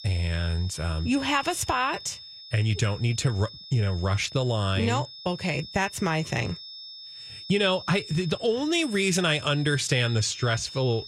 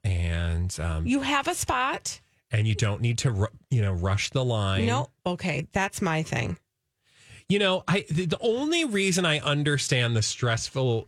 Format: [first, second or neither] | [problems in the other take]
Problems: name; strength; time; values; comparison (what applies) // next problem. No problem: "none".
second | high-pitched whine; noticeable; throughout; 5.5 kHz, 15 dB below the speech